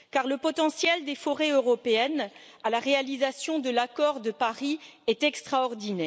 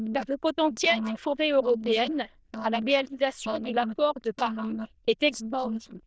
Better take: first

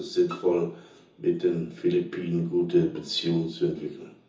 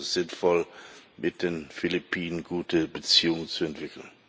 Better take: second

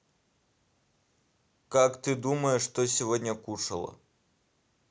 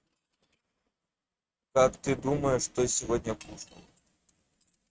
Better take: first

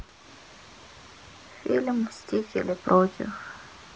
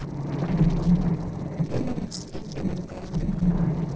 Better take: first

